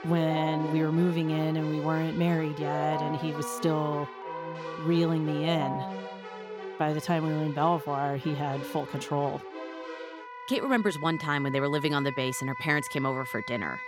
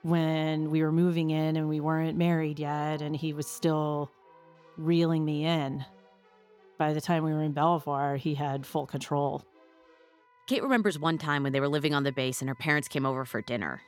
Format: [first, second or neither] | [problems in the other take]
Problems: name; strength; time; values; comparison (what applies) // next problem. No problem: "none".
second | background music; loud; throughout; 9 dB below the speech; faint in the second